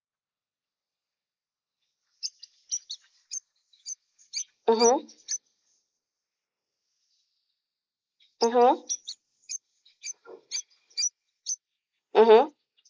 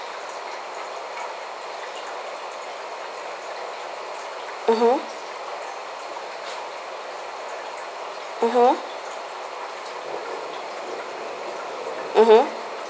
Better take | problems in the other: second | noise reduction (neural mask model Resemble Enhance denoiser)

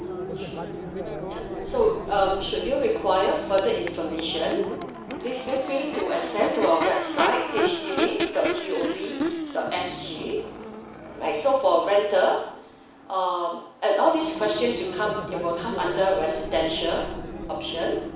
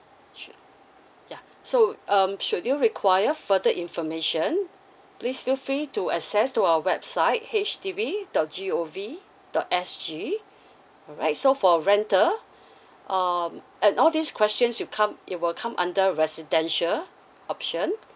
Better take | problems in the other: second | background sound (Crowd / Race car, auto racing / Accelerating, revving, vroom); 6 dB below the speech // room echo; dies away in 0.7 s

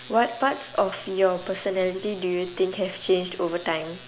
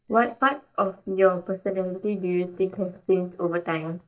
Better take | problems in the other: first | noise reduction (neural mask model DeepFilterNet 3)

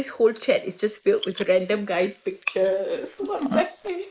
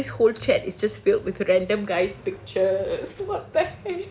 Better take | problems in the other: second | noise reduction (neural mask model Resemble Enhance denoiser)

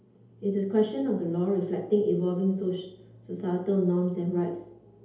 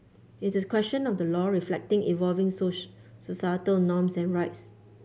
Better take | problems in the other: second | room echo; dies away in 2.2 s

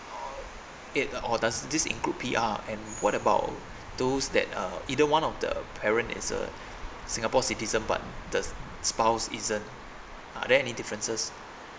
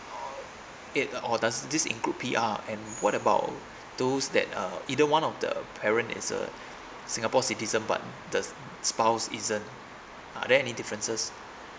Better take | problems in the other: second | background sound (Traffic noise, roadway noise / Bus); 15 dB below the speech

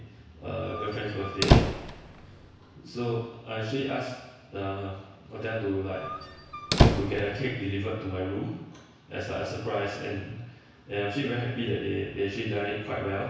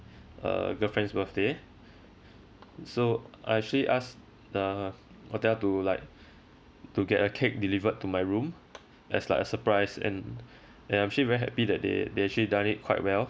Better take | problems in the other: second | background sound (Squeak); 5 dB above the speech // room echo; dies away in 1.1 s

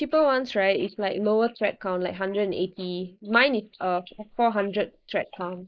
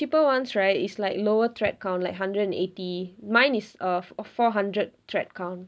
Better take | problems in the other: second | noise reduction (neural mask model Resemble Enhance denoiser)

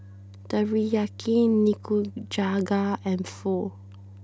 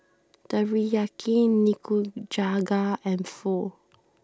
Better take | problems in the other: second | background sound (Organ); 18 dB below the speech

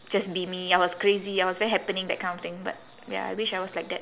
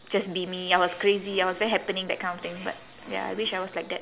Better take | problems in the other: first | background sound (Fart); 19 dB below the speech

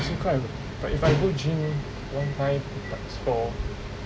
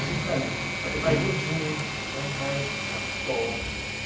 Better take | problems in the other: first | background sound (Engine / Mechanisms); 3 dB below the speech // room echo; dies away in 0.9 s

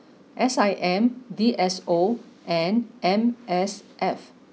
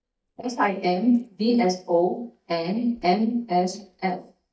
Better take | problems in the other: first | noise reduction (neural mask model DeepFilterNet 3)

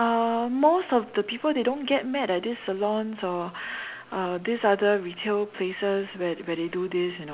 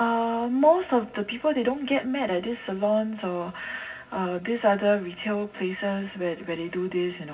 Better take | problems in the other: first | room echo; dies away in 0.4 s

